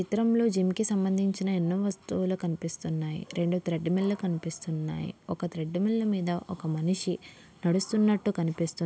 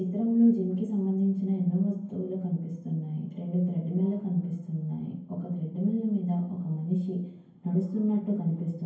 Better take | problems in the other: first | room echo; dies away in 0.9 s

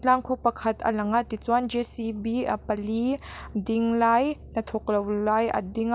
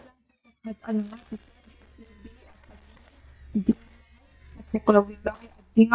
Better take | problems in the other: first | noise reduction (neural mask model DeepFilterNet 3)

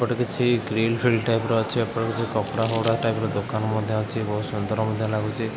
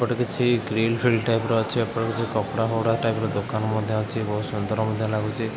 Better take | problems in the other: second | background sound (Crumpling, crinkling); 17 dB below the speech

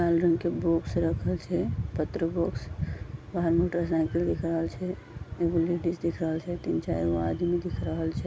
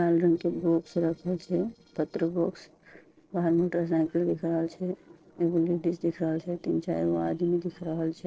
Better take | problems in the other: first | noise reduction (neural separator model SepFormer DNS4)

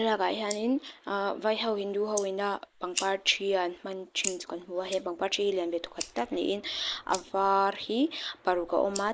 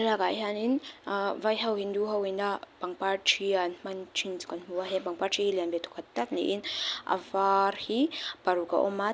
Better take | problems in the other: second | noise reduction (neural mask model Resemble Enhance denoiser)

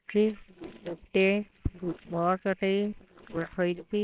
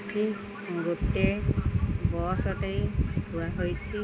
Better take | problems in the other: second | noise reduction (neural separator model SepFormer WHAMR!)

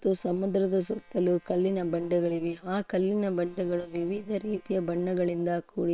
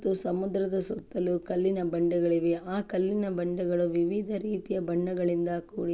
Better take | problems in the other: second | noise reduction (neural separator model SepFormer WHAM!)

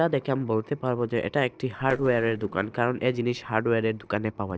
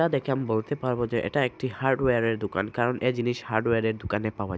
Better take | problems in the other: second | noise reduction (neural separator model SepFormer DNS4)

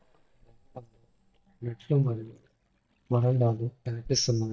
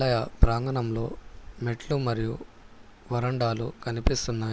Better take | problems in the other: second | noise reduction (neural mask model DeepFilterNet 3)

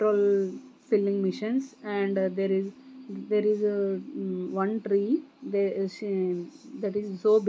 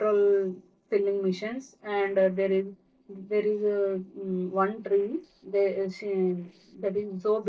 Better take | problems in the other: first | noise reduction (neural separator model SepFormer DNS4)

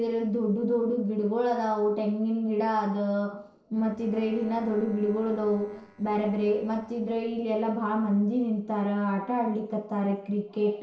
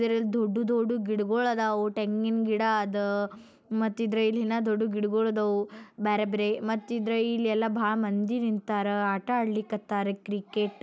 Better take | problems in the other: second | noise reduction (neural separator model SepFormer DNS4)

